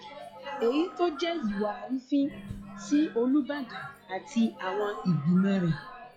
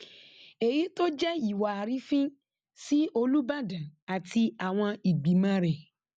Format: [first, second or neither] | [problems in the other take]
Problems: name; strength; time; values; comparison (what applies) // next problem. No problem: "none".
second | noise reduction (classical method log-MMSE)